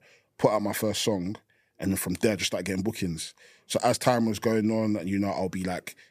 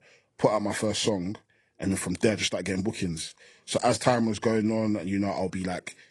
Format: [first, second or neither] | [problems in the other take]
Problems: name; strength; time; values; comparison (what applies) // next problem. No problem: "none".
first | garbled, watery; slightly; nothing above 10.5 kHz